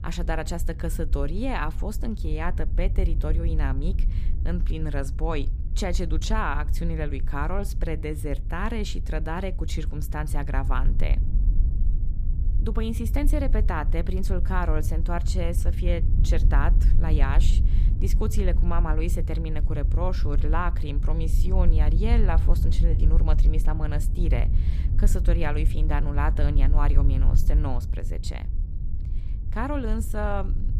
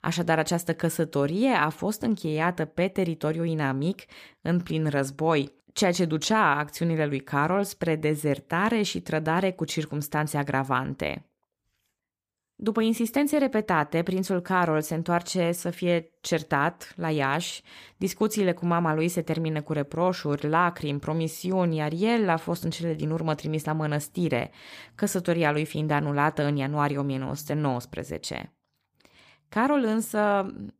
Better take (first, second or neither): second